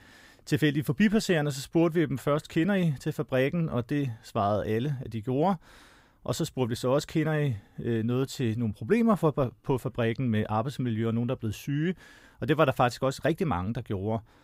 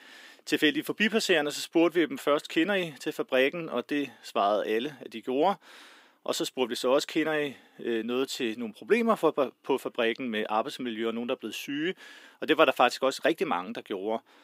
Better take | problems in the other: first | thin; somewhat; fading below 250 Hz

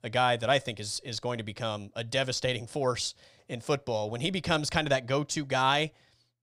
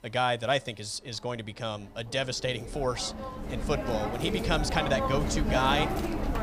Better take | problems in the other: first | machinery noise; loud; throughout; 2 dB below the speech

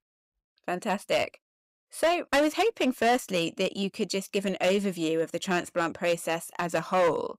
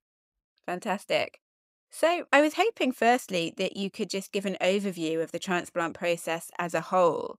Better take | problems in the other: second | distortion; slight; 5% of the sound clipped

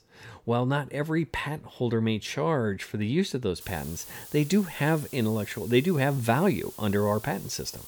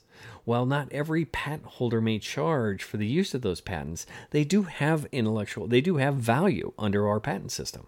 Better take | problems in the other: second | hiss; noticeable; from 3.5 s on; 15 dB below the speech

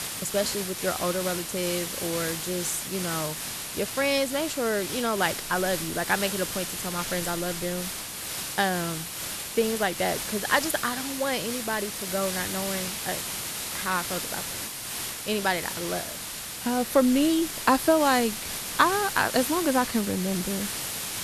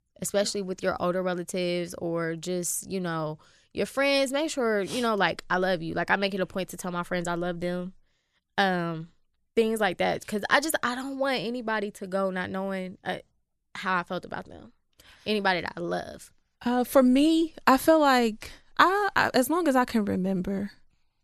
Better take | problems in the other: second | hiss; loud; throughout; 4 dB below the speech

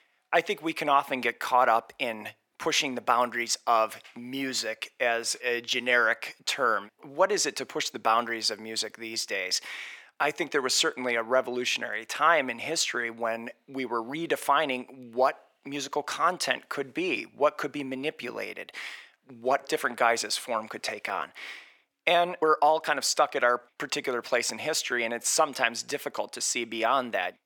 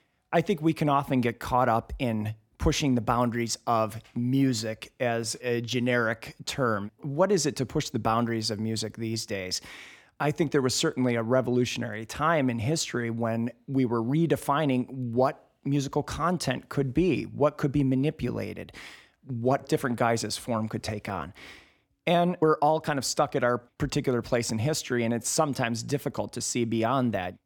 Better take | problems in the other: second | thin; somewhat; fading below 500 Hz

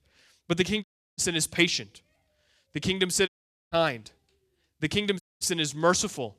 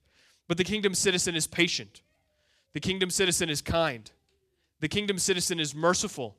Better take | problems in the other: second | audio cutting out; at 1 s, at 3.5 s and at 5 s

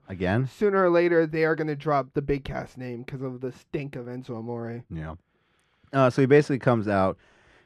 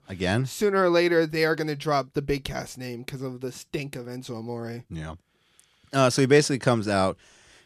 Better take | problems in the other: second | muffled; slightly; fading above 3.5 kHz

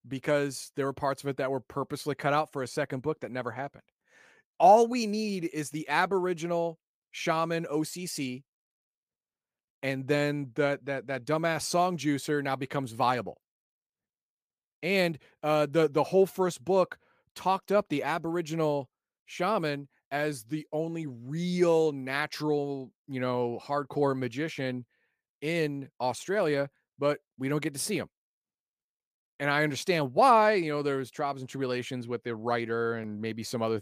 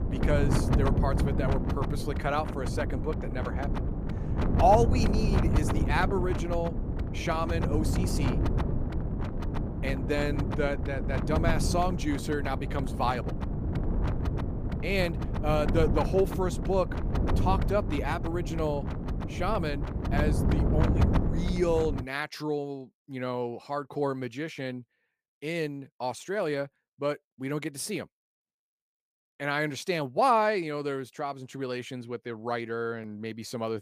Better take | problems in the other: first | wind noise on the microphone; heavy; until 22 s; 7 dB below the speech

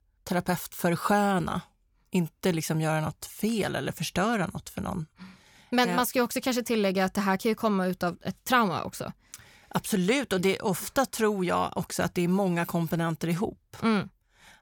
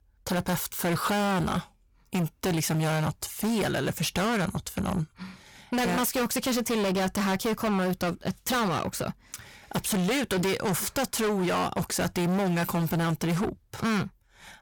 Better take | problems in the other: first | distortion; heavy; 27% of the sound clipped

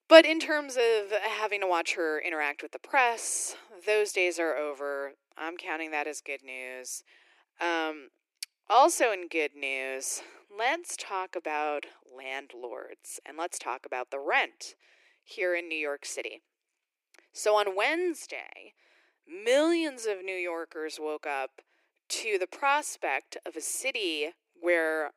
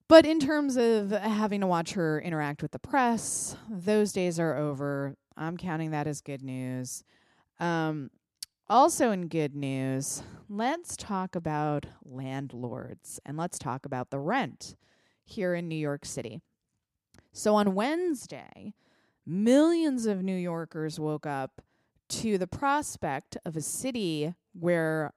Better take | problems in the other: second | thin; very; fading below 350 Hz

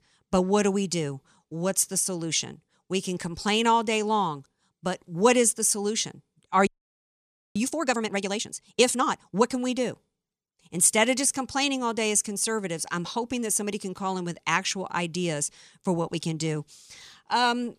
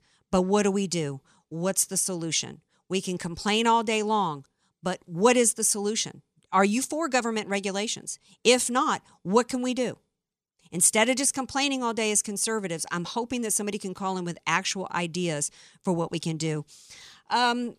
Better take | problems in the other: second | audio freezing; at 6.5 s for 1 s

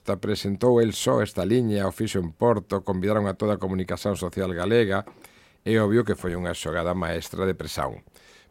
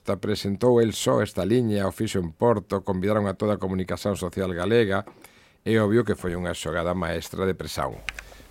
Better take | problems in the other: first | keyboard typing; faint; at 8 s; peak 10 dB below the speech

